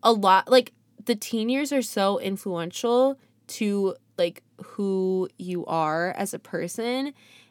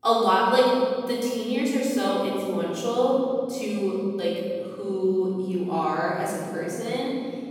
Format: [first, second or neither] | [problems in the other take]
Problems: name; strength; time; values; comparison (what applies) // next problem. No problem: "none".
first | off-mic speech; far // room echo; strong; dies away in 2.3 s